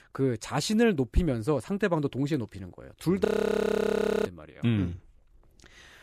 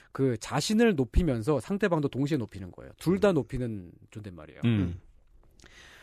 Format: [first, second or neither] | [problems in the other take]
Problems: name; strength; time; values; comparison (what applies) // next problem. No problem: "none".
second | audio freezing; at 3.5 s for 1 s